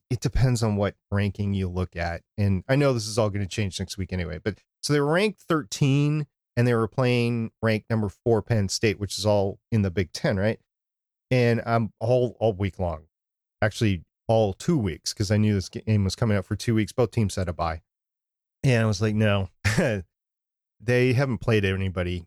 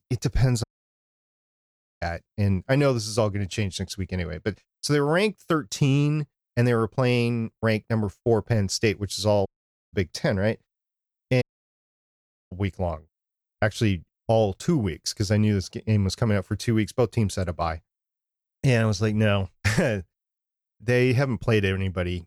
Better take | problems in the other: first | audio cutting out; at 0.5 s for 1.5 s, at 9.5 s and at 11 s for 1 s

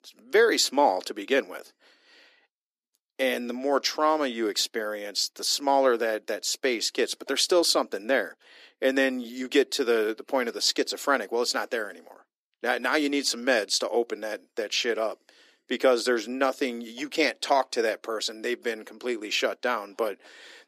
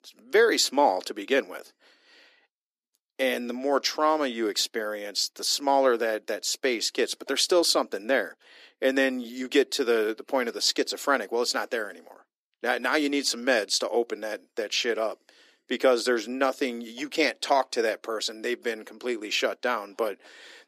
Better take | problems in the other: neither | thin; somewhat; fading below 300 Hz; the same in both

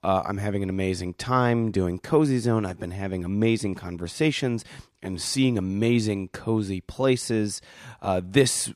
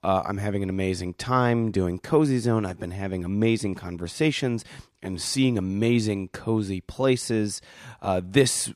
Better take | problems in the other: neither | none

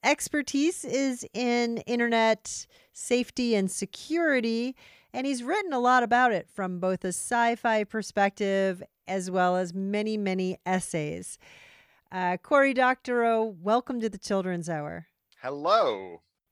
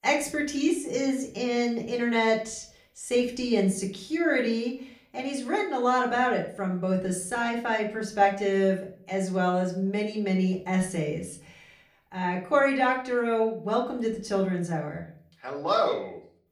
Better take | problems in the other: first | room echo; slight; dies away in 0.4 s // off-mic speech; far

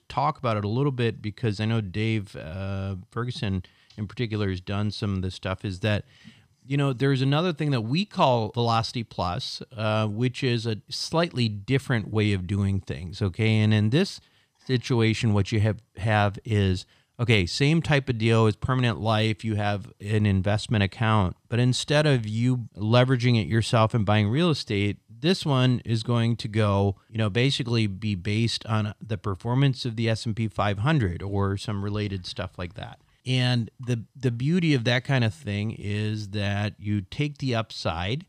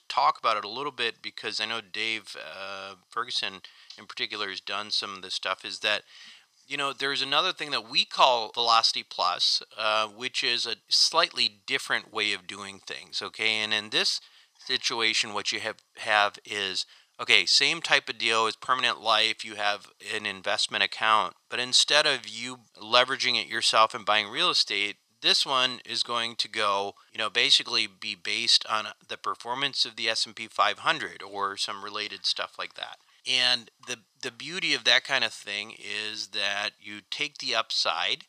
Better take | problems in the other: first | thin; very; fading below 800 Hz

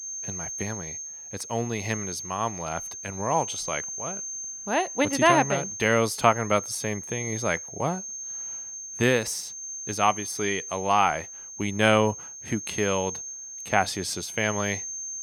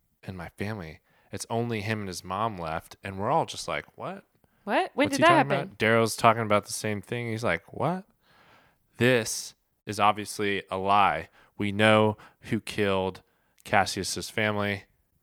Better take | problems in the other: second | high-pitched whine; loud; throughout; 6.5 kHz, 8 dB below the speech

